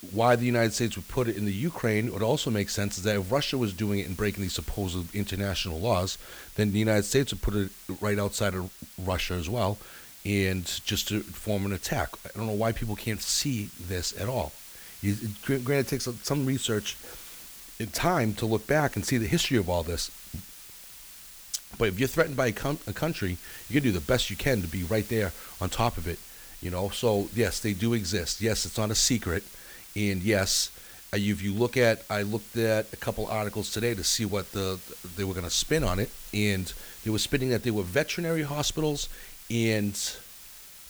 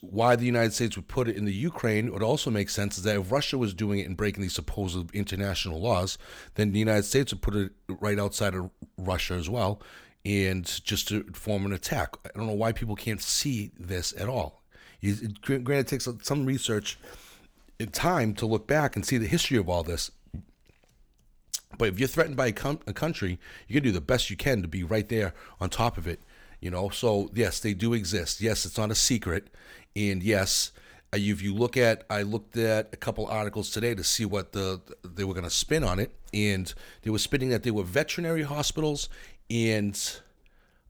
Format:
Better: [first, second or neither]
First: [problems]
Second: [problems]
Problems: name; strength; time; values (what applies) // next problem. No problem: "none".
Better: second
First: hiss; noticeable; throughout; 15 dB below the speech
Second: none